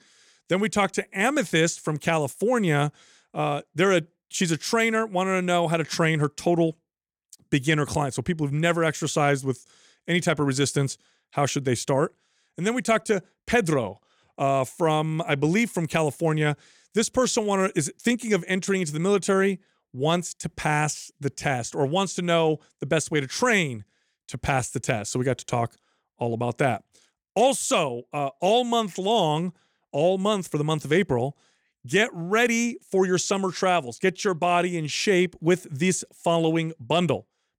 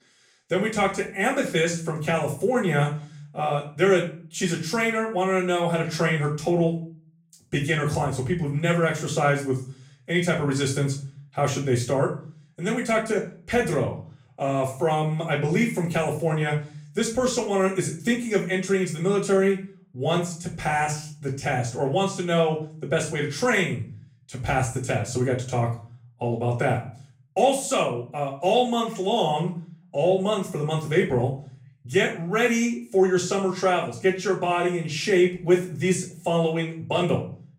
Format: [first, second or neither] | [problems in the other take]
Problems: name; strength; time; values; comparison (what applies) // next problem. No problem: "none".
first | off-mic speech; far // room echo; slight; dies away in 0.4 s